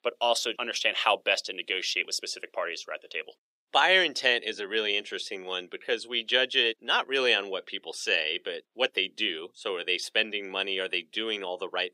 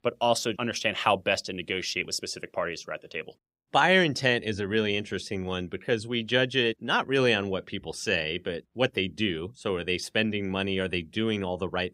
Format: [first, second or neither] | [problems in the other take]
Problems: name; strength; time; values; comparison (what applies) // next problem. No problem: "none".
second | thin; somewhat; fading below 400 Hz